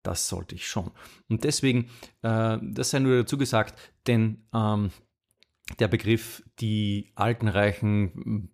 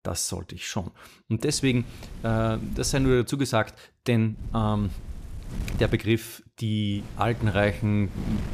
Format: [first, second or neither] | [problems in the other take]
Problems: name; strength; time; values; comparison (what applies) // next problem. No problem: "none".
first | wind noise on the microphone; occasional gusts; from 1.5 to 3 s, from 4.5 to 6 s and from 7 s on; 20 dB below the speech